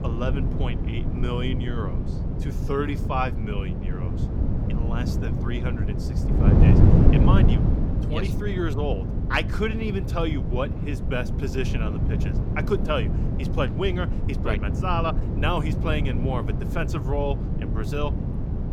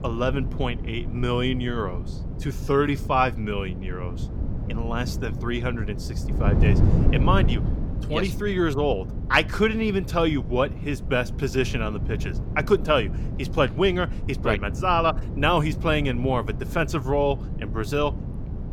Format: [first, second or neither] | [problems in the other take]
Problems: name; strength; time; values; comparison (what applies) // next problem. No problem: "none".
second | wind noise on the microphone; heavy; 4 dB below the speech; occasional gusts in the second